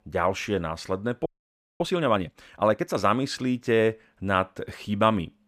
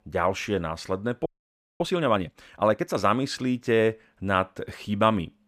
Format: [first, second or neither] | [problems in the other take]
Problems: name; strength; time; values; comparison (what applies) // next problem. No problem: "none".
neither | audio freezing; at 1.5 s for 0.5 s; the same in both